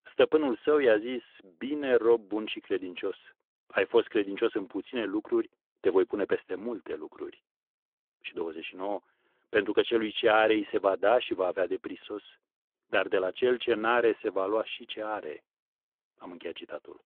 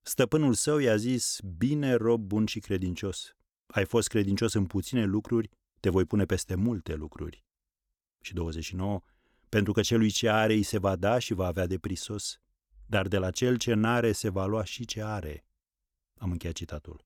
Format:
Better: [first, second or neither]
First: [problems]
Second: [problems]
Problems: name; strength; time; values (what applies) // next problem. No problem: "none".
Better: second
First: phone-call audio; nothing above 3.5 kHz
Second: none